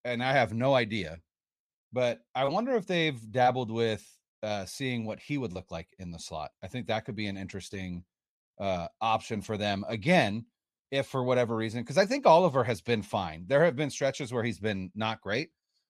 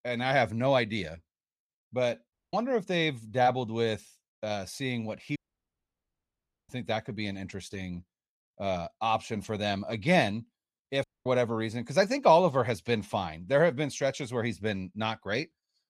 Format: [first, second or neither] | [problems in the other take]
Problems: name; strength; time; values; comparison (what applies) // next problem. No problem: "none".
first | audio cutting out; at 2.5 s, at 5.5 s for 1.5 s and at 11 s